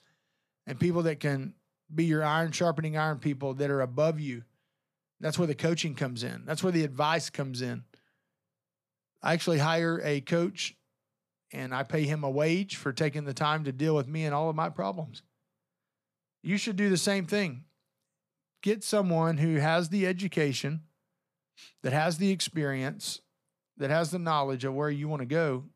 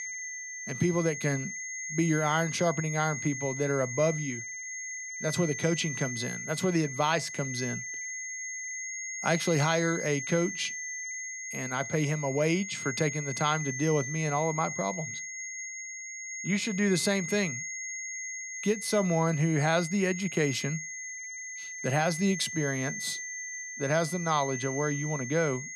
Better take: first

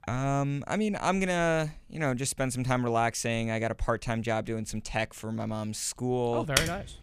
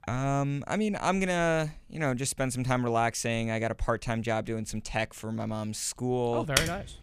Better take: neither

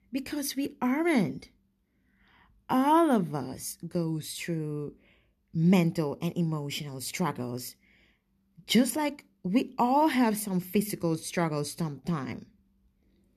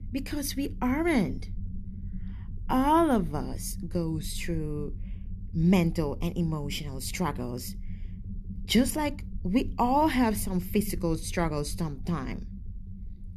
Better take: first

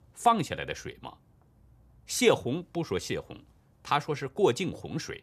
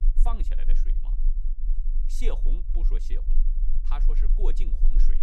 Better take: first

